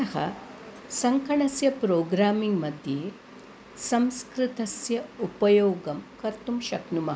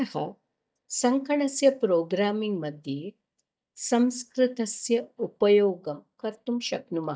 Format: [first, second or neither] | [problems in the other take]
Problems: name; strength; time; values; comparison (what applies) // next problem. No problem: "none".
first | noise reduction (neural mask model DeepFilterNet 3)